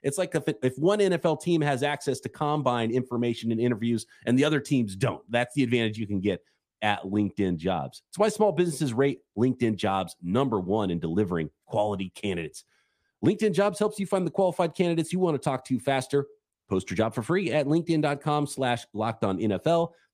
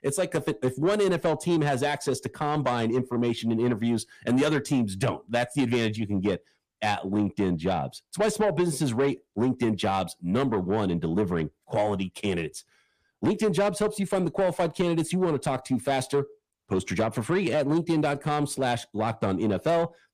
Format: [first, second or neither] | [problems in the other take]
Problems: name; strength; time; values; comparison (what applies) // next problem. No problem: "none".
first | distortion; slight; 10 dB below the speech